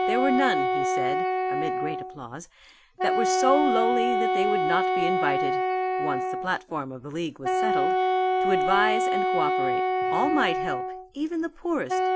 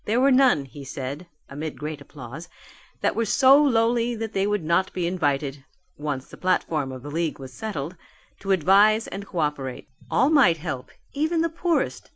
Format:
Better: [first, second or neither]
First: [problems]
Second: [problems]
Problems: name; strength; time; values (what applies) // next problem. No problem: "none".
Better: second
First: background sound (Wind instrument, woodwind instrument); 4 dB above the speech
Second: none